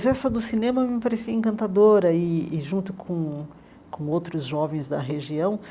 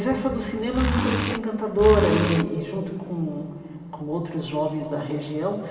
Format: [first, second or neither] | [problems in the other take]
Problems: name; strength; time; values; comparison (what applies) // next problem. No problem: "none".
first | background sound (Zipper (clothing)); as loud as the speech // room echo; dies away in 2.5 s